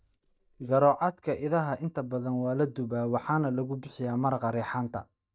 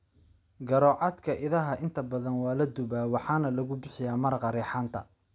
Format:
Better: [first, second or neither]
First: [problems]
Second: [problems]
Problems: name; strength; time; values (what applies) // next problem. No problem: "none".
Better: second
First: noise reduction (neural mask model DeepFilterNet 3)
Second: none